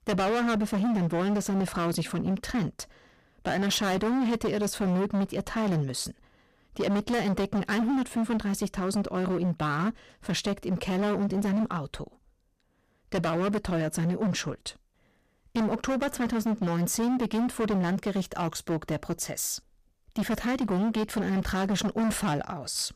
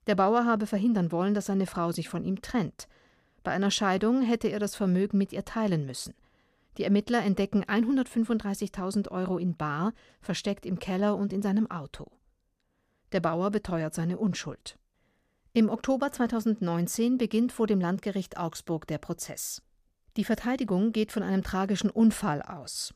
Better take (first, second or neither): second